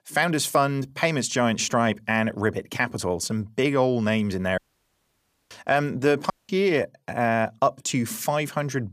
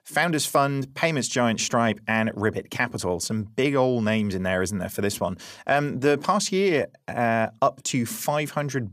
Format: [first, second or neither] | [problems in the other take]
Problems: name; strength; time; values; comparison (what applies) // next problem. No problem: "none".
second | audio cutting out; at 4.5 s for 1 s and at 6.5 s